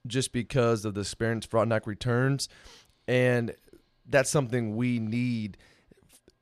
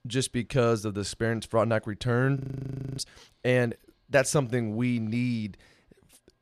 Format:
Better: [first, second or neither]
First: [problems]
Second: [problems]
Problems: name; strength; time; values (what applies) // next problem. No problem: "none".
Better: first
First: none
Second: audio freezing; at 2.5 s for 0.5 s